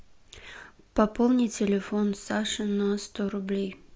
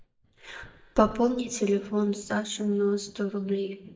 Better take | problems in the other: first | noise reduction (neural mask model DeepFilterNet 3)

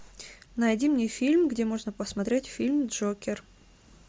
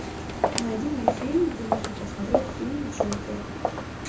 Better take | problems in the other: first | background sound (Walk, footsteps); 2 dB above the speech // room echo; dies away in 0.5 s

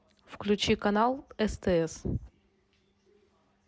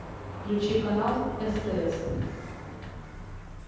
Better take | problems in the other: first | background sound (Sliding door); 8 dB below the speech // room echo; dies away in 1.2 s

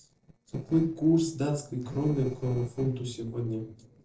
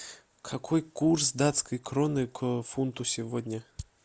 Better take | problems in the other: second | noise reduction (neural separator model SepFormer DNS4)

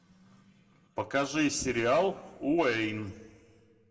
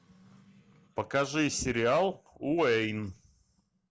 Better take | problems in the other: second | room echo; dies away in 1.1 s

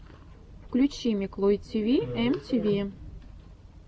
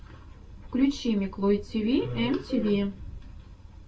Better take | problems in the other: first | room echo; dies away in 0.2 s

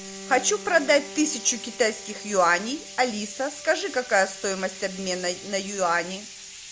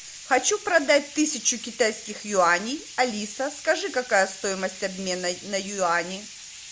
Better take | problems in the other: second | background sound (Bowed string instrument); 20 dB below the speech

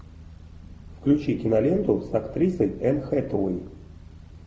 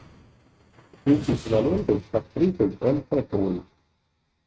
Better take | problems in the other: first | noise reduction (neural mask model RNNoise)

